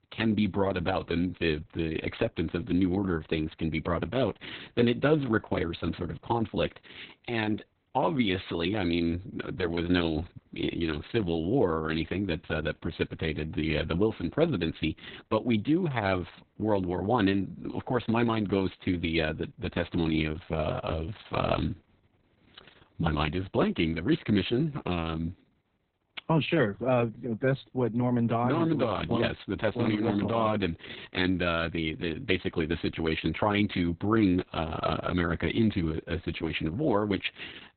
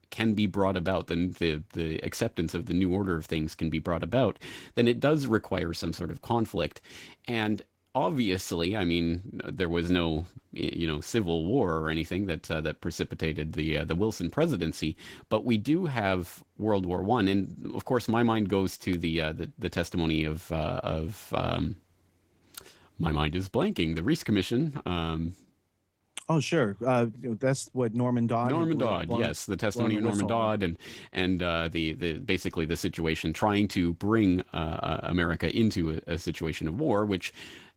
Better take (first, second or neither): second